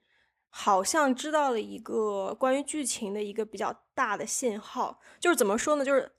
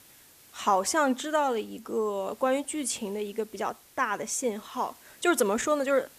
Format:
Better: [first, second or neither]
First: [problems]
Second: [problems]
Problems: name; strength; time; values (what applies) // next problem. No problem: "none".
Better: first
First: none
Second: hiss; faint; throughout; 25 dB below the speech